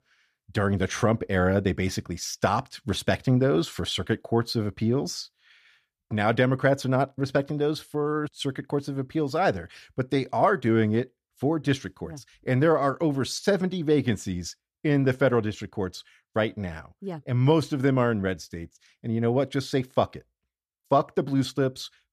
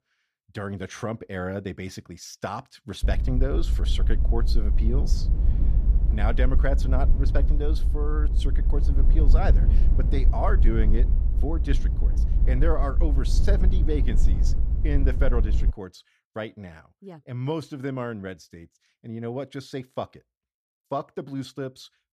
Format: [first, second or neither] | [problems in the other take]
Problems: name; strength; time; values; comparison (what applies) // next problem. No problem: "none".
first | low rumble; loud; from 3 to 16 s; 9 dB below the speech